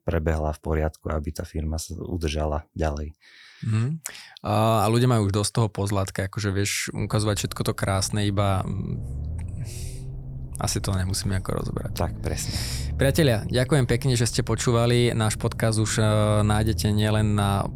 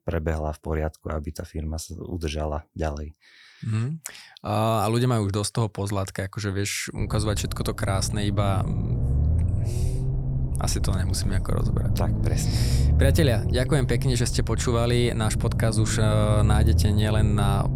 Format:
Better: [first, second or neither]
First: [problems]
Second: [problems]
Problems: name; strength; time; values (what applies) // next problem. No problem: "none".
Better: first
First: low rumble; faint; from 7 s on; 20 dB below the speech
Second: low rumble; loud; from 7 s on; 9 dB below the speech